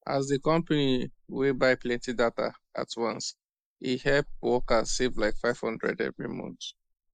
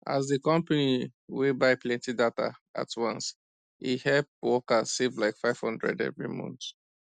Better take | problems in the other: second | noise reduction (neural mask model Resemble Enhance denoiser)

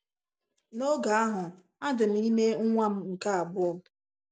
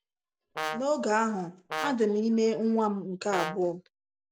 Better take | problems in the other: first | background sound (Brass instrument); 7 dB below the speech

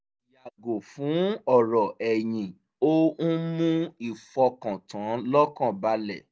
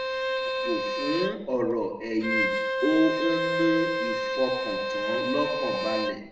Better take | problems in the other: first | background sound (Bowed string instrument); as loud as the speech // room echo; dies away in 0.8 s

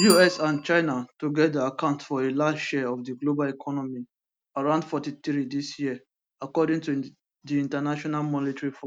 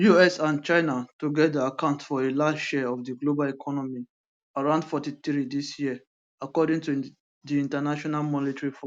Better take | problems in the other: second | background sound (Bicycle bell); 15 dB below the speech

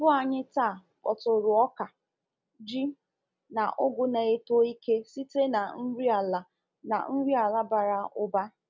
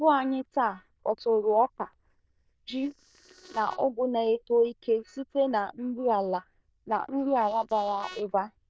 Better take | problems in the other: first | noise reduction (neural diffusion model UNIVERSE++)

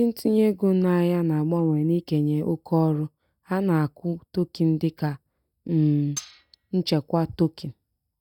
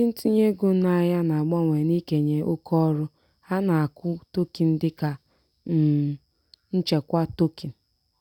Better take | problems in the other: second | noise reduction (neural mask model DeepFilterNet 3)

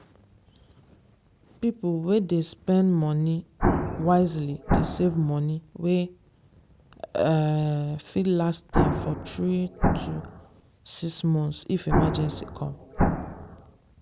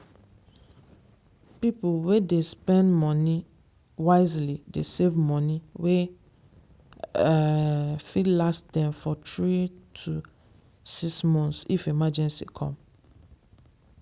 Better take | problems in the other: second | background sound (Explosion); as loud as the speech

